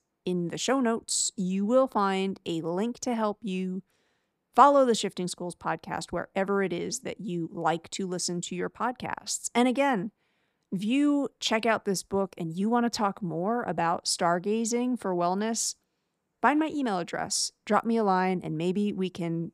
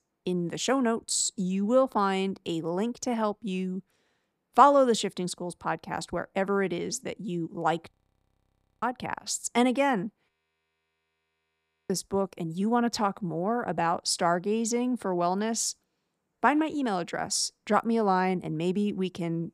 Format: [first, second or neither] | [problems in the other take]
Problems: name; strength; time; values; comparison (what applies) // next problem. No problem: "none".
first | audio freezing; at 8 s for 1 s and at 10 s for 1.5 s